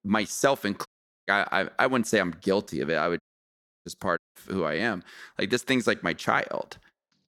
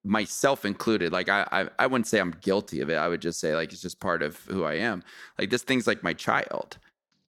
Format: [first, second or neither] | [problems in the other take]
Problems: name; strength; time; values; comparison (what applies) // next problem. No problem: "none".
second | audio cutting out; at 1 s, at 3 s for 0.5 s and at 4 s